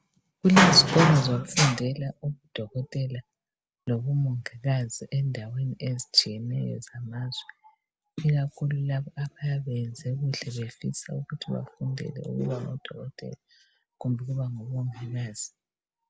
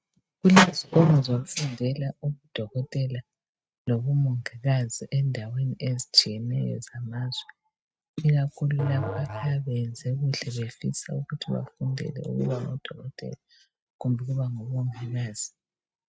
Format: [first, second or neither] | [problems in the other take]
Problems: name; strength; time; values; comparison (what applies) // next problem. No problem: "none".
first | noise reduction (neural mask model RNNoise)